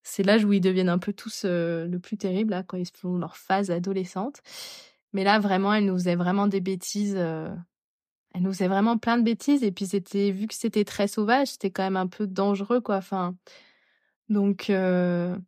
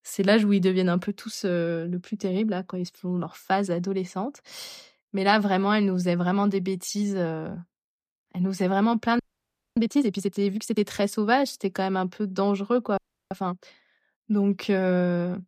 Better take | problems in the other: first | audio freezing; at 9 s for 0.5 s and at 13 s

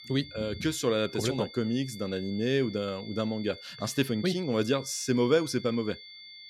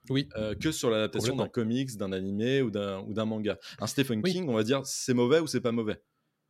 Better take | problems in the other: second | high-pitched whine; noticeable; throughout; 4.5 kHz, 15 dB below the speech

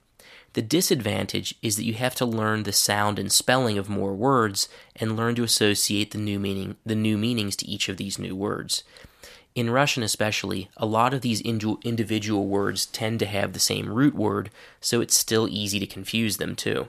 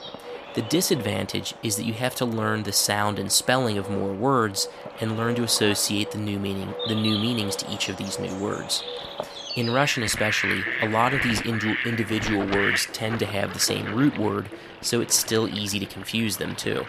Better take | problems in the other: first | animal sounds; loud; throughout; 6 dB below the speech

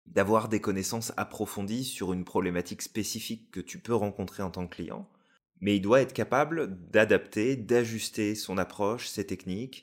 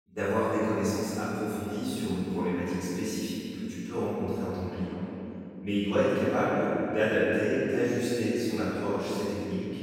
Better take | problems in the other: first | off-mic speech; far // room echo; strong; dies away in 3 s

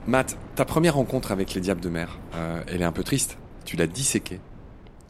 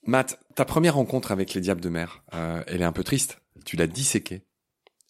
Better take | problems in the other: second | wind noise on the microphone; occasional gusts; 20 dB below the speech

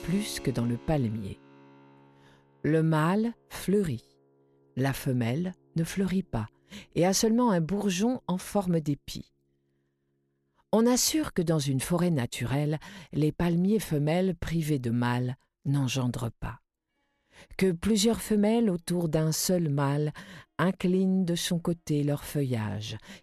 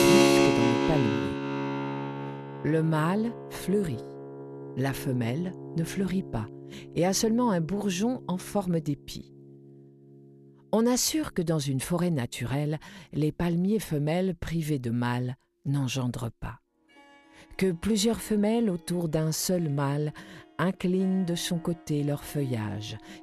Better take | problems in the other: first | background music; loud; throughout; 2 dB below the speech; faint in the first

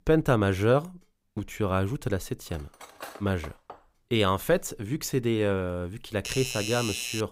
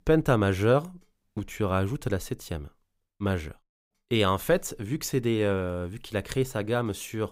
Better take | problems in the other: second | clattering dishes; faint; from 2.5 to 4 s; peak 15 dB below the speech // doorbell; noticeable; from 6 s on; peak 4 dB below the speech

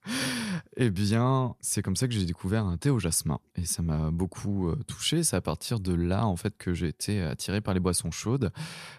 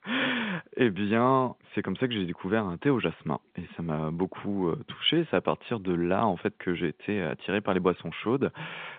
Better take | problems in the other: first | phone-call audio; nothing above 3.5 kHz

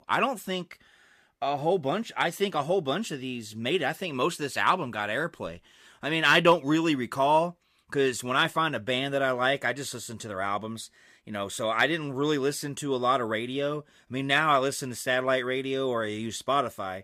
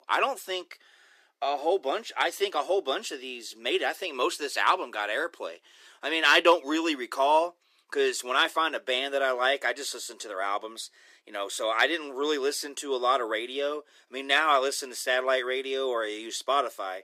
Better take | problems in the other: first | thin; somewhat; fading below 300 Hz

